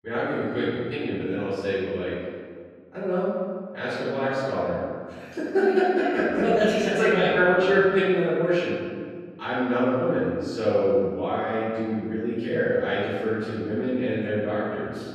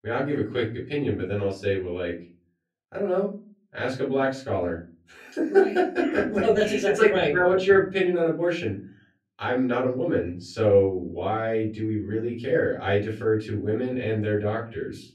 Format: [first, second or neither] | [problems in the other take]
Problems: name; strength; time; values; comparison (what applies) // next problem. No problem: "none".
second | room echo; strong; dies away in 1.8 s; slight in the second // off-mic speech; far; far in the second